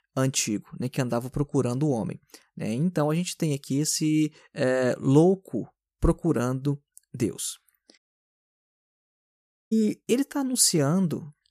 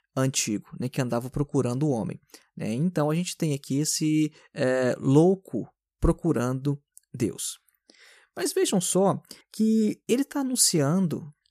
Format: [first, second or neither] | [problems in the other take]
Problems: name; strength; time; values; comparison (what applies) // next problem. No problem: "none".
second | audio cutting out; at 8 s for 1.5 s